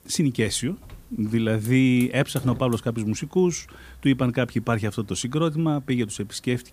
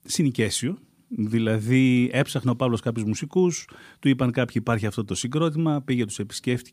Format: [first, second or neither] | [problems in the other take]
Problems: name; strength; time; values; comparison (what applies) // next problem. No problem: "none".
second | hiss; faint; throughout; 20 dB below the speech